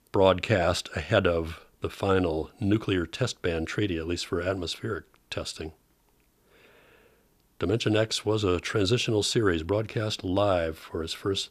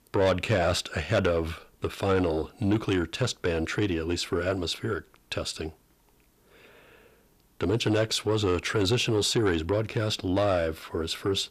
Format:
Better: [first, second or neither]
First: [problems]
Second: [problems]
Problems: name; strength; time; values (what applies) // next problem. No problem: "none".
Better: first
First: none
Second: distortion; slight; 10 dB below the speech